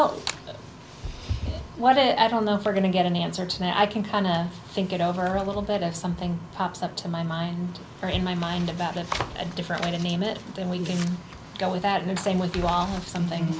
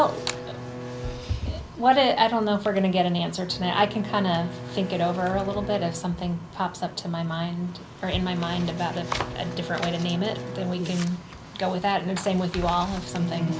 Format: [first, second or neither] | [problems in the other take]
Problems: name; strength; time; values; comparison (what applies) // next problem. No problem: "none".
first | background sound (Bowed string instrument); 13 dB below the speech